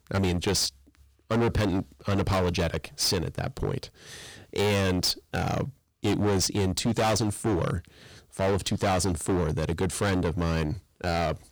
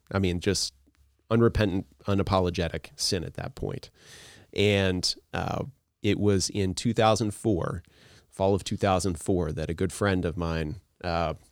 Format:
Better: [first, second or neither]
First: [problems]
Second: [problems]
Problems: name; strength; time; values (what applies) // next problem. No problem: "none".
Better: second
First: distortion; heavy; 16% of the sound clipped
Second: none